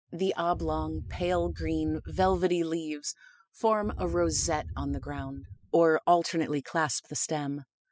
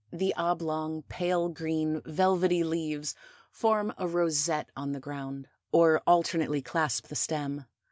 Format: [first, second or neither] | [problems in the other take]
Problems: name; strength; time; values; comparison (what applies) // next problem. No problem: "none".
second | noise reduction (classical method spectral subtraction)